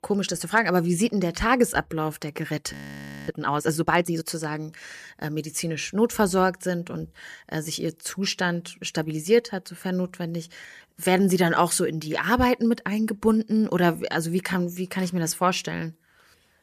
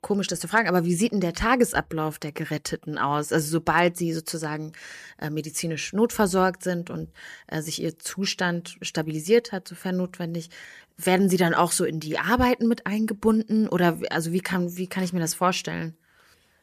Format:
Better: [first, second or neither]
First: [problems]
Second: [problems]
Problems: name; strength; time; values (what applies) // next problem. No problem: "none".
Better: second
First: audio freezing; at 2.5 s for 0.5 s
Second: none